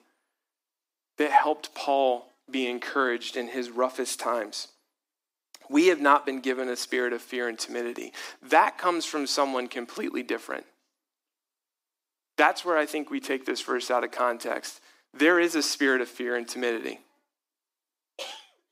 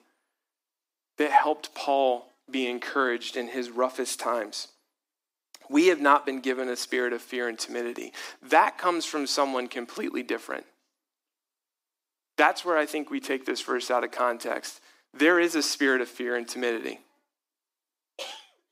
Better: neither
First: thin; somewhat; fading below 300 Hz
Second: thin; somewhat; fading below 300 Hz

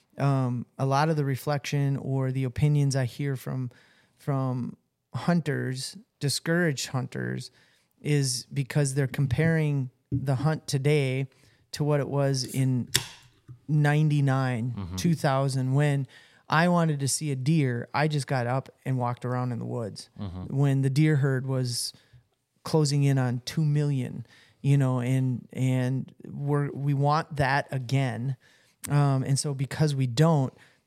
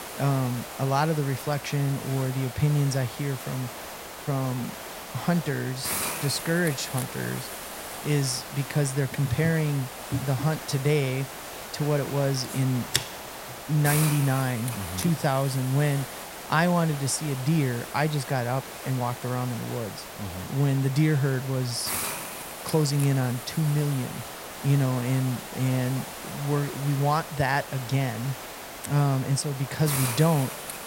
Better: first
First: none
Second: hiss; loud; throughout; 8 dB below the speech

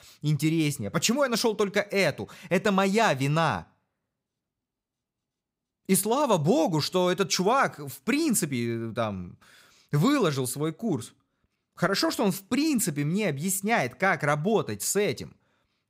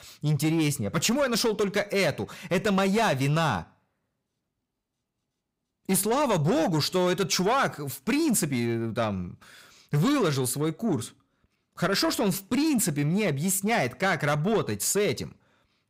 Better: first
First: none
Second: distortion; slight; 10 dB below the speech

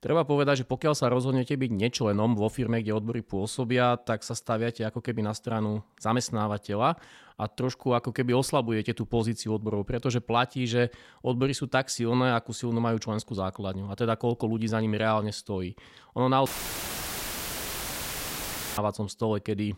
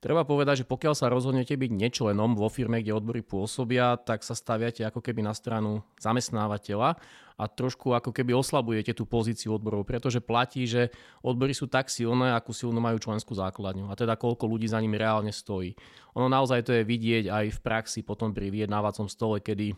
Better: second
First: audio cutting out; filled with static; at 16 s for 2.5 s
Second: none

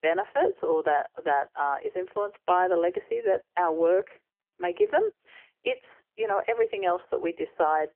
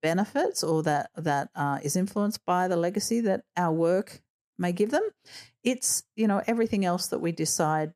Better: second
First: phone-call audio; poor line; nothing above 3 kHz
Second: none

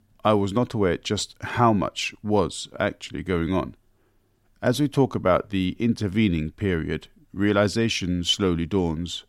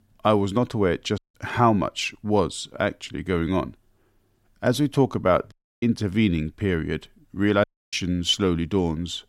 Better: first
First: none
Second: audio cutting out; at 1 s, at 5.5 s and at 7.5 s

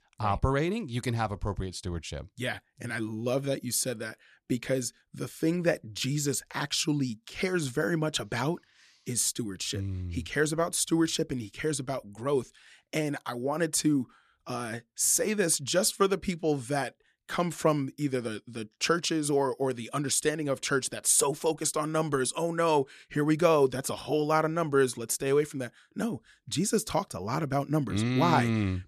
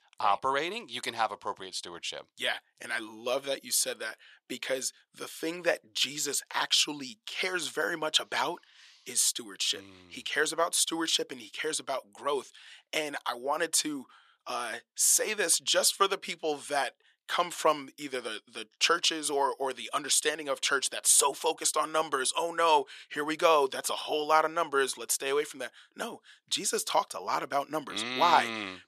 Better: first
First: none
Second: thin; very; fading below 550 Hz

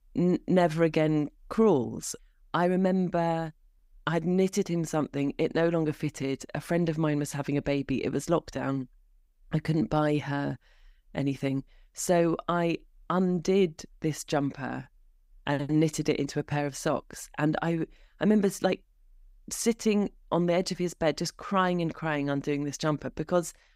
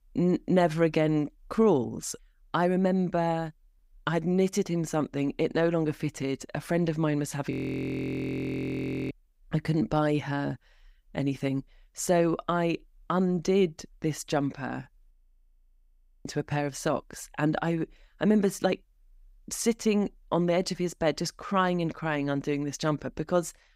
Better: first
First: none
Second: audio freezing; at 7.5 s for 1.5 s and at 15 s for 1 s

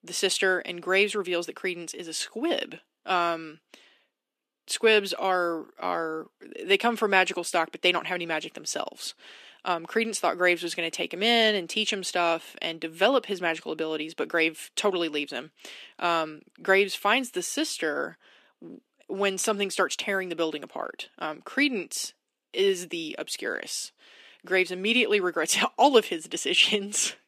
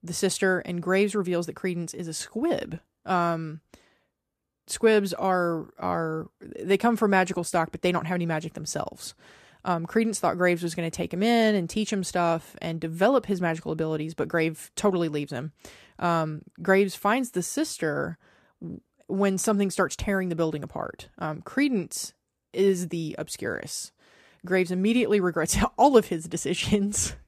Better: second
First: thin; somewhat; fading below 250 Hz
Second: none

